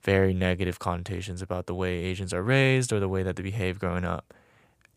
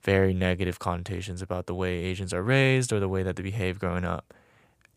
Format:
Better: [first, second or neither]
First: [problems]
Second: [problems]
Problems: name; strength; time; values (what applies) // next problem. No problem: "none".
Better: neither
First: none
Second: none